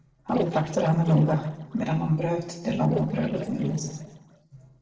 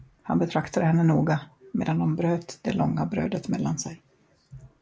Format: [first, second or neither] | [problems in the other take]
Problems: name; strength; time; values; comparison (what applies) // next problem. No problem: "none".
second | noise reduction (neural separator model SepFormer DNS4)